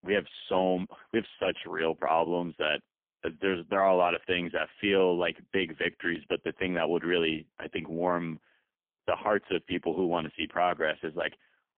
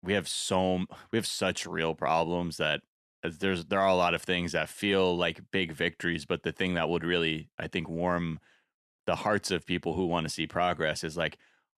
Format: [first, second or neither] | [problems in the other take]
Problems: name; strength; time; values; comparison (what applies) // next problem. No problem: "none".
second | phone-call audio; poor line; nothing above 3 kHz